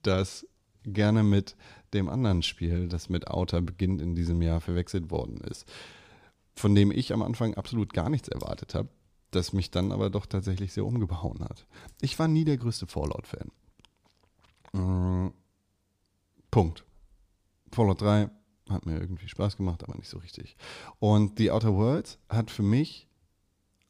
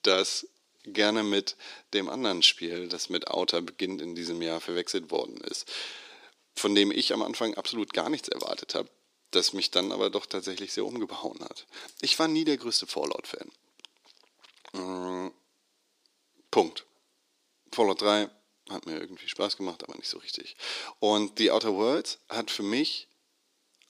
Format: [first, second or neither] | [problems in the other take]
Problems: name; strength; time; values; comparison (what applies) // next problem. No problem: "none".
first | thin; somewhat; fading below 300 Hz